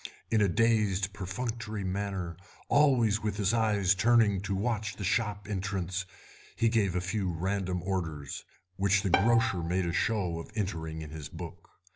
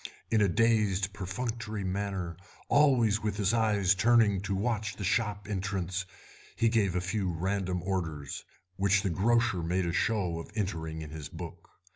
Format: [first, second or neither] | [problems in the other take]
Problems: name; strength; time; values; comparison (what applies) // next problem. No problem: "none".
second | background sound (Bowed string instrument); 9 dB below the speech